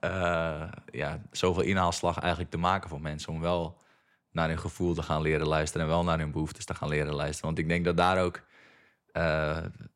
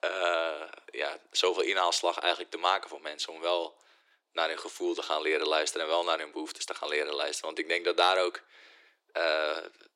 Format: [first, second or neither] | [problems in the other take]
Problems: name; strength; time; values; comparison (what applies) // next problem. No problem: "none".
first | thin; very; fading below 350 Hz